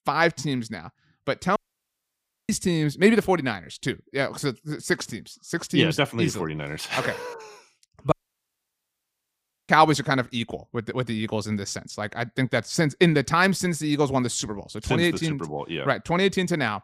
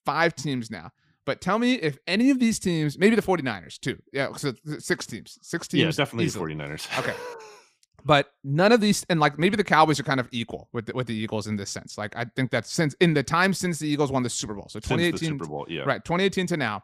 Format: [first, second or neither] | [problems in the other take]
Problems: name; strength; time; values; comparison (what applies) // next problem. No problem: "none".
second | audio cutting out; at 1.5 s for 1 s and at 8 s for 1.5 s